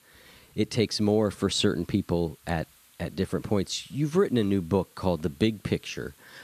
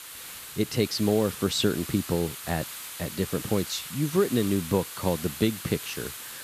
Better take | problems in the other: first | hiss; loud; throughout; 9 dB below the speech; faint in the first

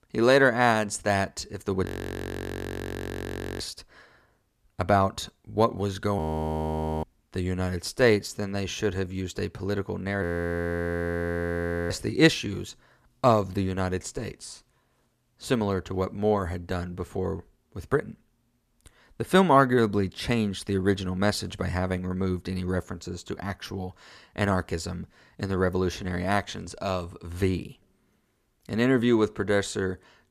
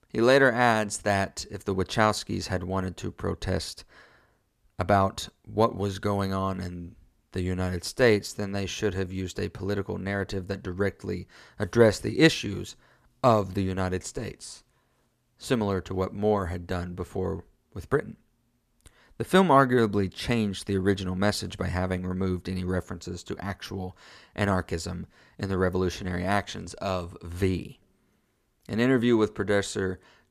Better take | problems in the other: second | audio freezing; at 2 s for 2 s, at 6 s for 1 s and at 10 s for 1.5 s

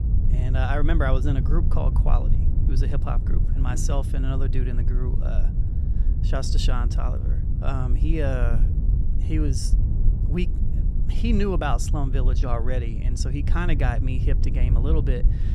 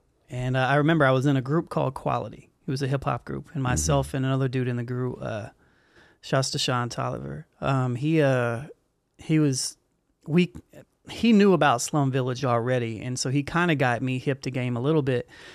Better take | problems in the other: second | low rumble; loud; throughout; 8 dB below the speech

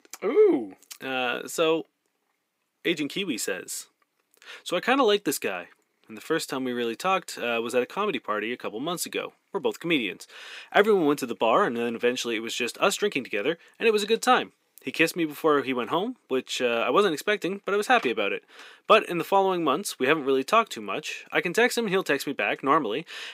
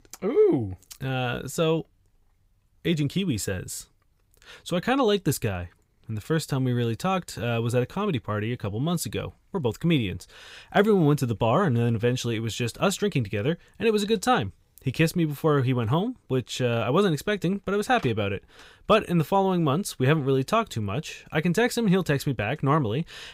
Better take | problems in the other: second | thin; somewhat; fading below 250 Hz

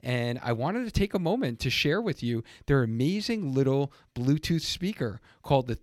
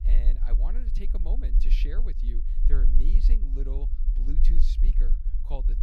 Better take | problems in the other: first | low rumble; loud; throughout; 5 dB below the speech

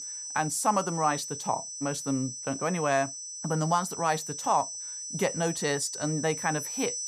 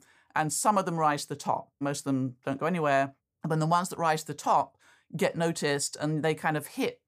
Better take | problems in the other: second | high-pitched whine; loud; throughout; 6 kHz, 6 dB below the speech

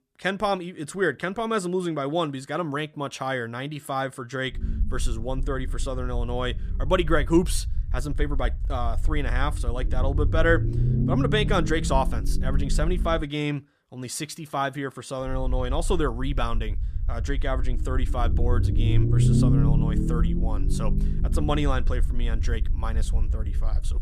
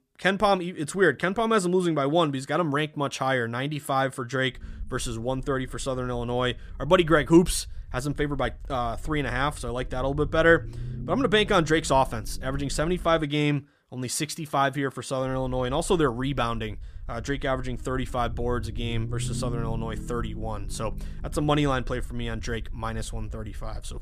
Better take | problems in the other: second | low rumble; loud; from 4.5 to 13 s and from 15 s on; 9 dB below the speech; faint in the second

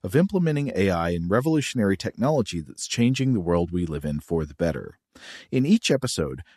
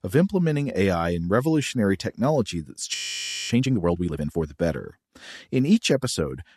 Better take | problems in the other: first | audio freezing; at 3 s for 0.5 s

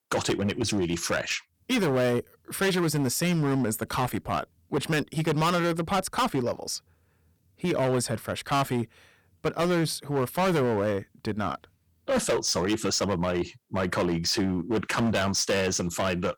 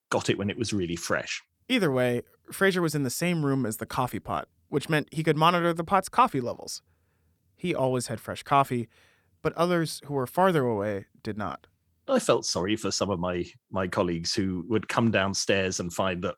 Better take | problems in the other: second | distortion; heavy; 13% of the sound clipped

